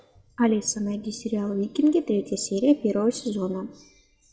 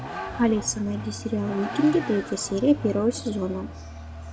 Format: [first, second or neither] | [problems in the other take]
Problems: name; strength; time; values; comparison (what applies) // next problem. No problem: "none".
first | background sound (Vehicle); 10 dB below the speech